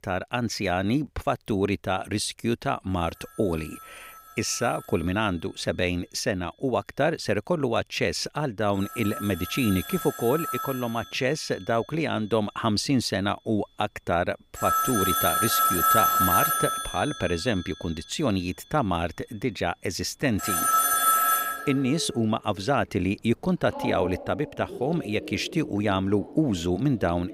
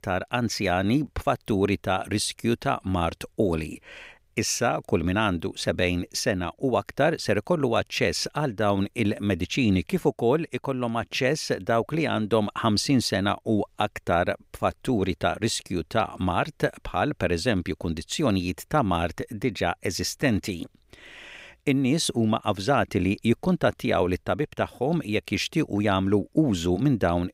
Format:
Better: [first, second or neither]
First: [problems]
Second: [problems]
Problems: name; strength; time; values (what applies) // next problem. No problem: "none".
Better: second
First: alarms or sirens; very loud; throughout; 1 dB above the speech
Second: none